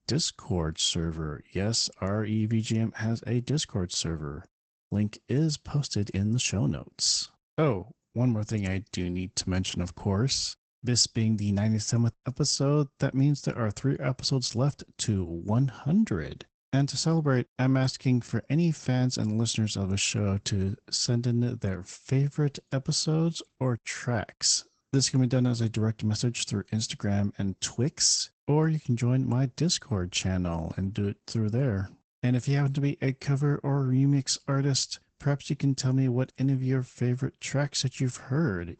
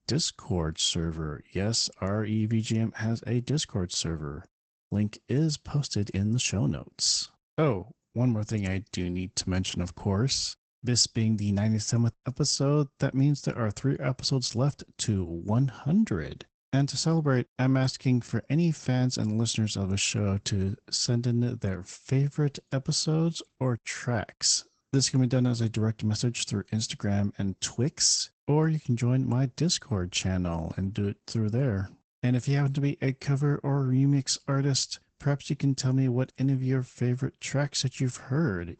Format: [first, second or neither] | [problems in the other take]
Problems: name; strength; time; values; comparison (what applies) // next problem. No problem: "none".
neither | garbled, watery; badly; nothing above 8 kHz; the same in both